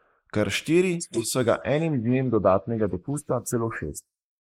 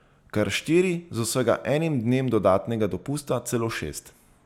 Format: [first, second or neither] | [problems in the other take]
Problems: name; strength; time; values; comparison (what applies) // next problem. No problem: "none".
second | noise reduction (neural mask model Resemble Enhance denoiser)